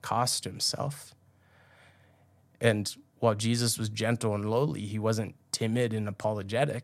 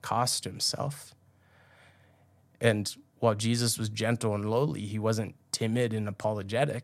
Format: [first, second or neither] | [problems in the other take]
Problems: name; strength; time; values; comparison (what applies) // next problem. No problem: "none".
neither | none